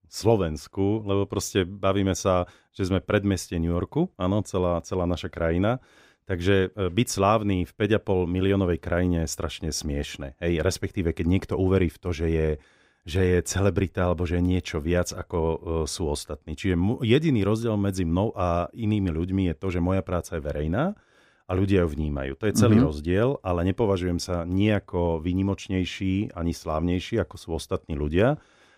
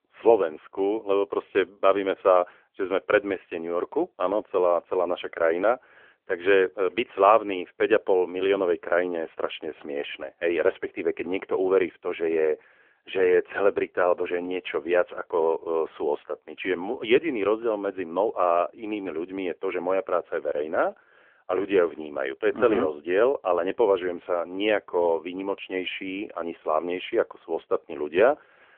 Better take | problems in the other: first | phone-call audio; nothing above 3.5 kHz

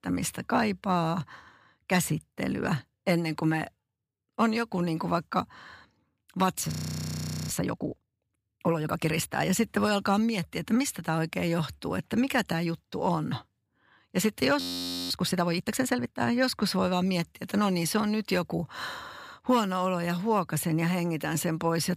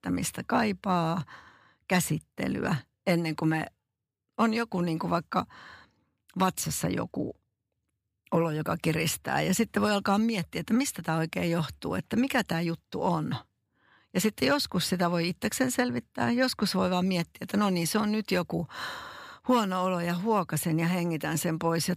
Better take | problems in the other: second | audio freezing; at 6.5 s for 1 s and at 15 s for 0.5 s

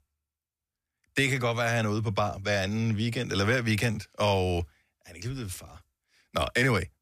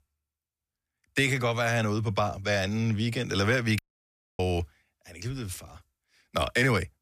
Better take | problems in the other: first | audio cutting out; at 4 s for 0.5 s

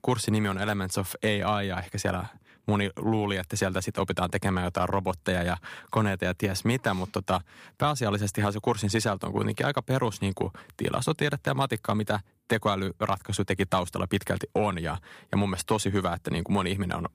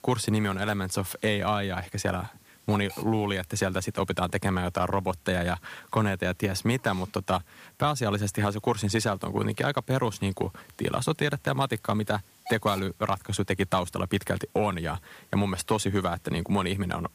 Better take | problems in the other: first | hiss; faint; throughout; 25 dB below the speech

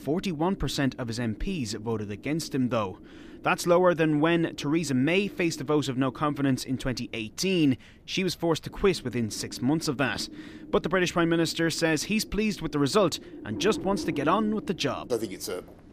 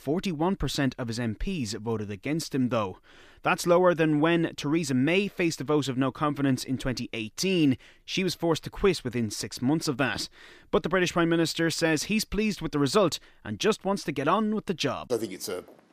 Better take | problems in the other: second | wind noise on the microphone; occasional gusts; 20 dB below the speech

